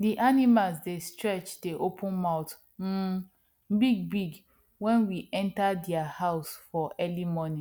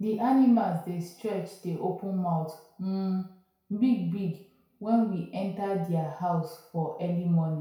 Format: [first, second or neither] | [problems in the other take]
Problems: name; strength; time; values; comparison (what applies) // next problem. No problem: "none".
first | room echo; dies away in 0.5 s